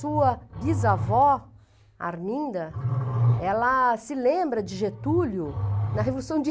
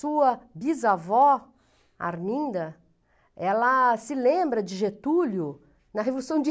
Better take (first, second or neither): second